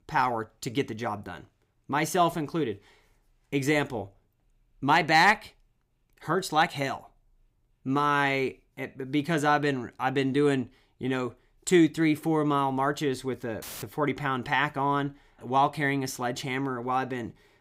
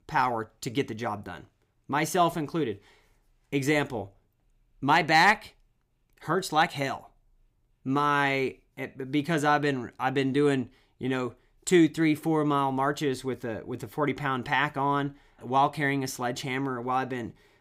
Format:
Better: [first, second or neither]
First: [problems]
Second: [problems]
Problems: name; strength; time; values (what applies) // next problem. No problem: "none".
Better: second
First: audio cutting out; filled with static; at 14 s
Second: none